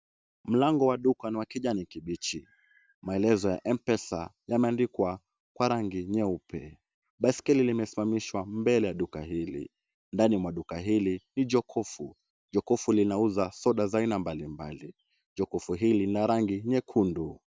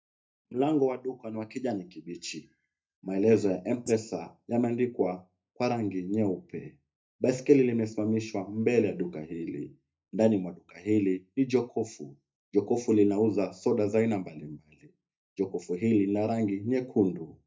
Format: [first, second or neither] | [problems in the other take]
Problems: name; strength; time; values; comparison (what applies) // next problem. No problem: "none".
first | noise reduction (neural mask model DeepFilterNet 3)